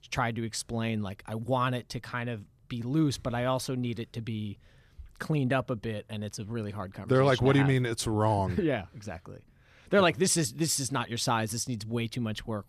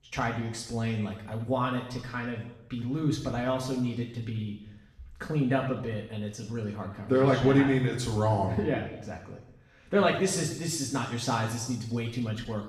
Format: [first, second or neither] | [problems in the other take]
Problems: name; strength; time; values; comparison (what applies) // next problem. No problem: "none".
first | room echo; noticeable; dies away in 0.8 s // off-mic speech; far